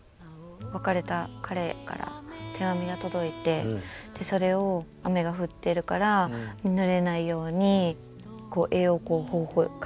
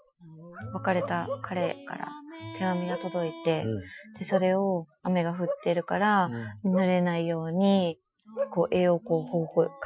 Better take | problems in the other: first | noise reduction (classical method Wiener filter)

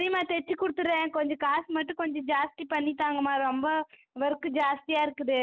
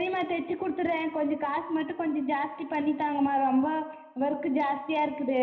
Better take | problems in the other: first | room echo; dies away in 0.9 s

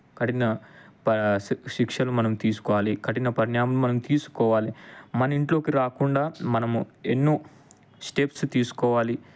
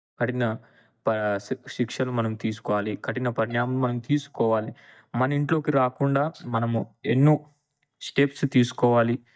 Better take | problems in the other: first | noise reduction (neural mask model DeepFilterNet 3)

